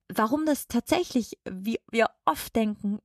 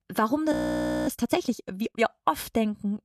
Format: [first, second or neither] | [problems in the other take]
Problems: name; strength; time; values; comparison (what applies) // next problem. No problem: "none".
first | audio freezing; at 0.5 s for 0.5 s